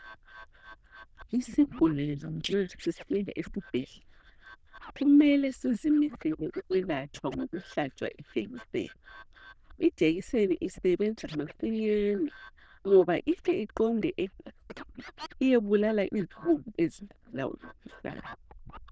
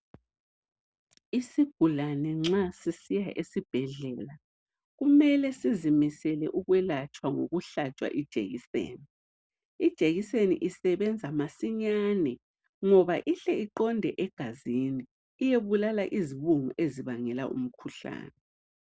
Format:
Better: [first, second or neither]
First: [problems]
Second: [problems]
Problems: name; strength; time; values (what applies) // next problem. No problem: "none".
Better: second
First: noise reduction (neural diffusion model UNIVERSE++)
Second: none